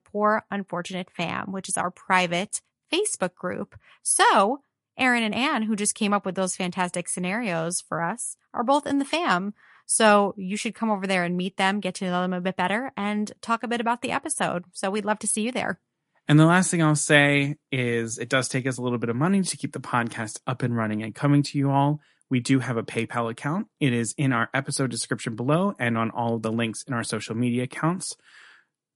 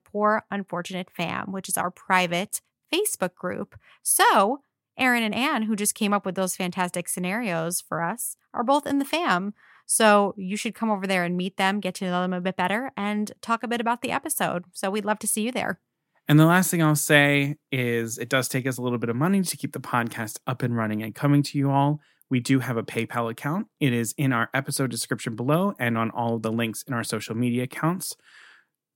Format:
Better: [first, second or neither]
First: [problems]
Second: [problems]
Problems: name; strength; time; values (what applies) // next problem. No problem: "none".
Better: second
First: garbled, watery; slightly; nothing above 11 kHz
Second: none